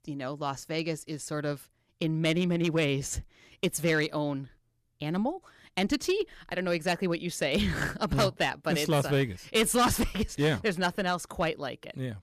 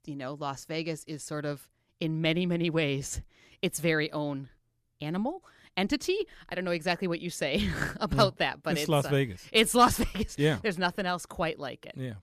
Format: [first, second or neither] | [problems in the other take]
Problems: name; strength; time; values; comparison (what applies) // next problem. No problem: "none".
second | distortion; slight; 3% of the sound clipped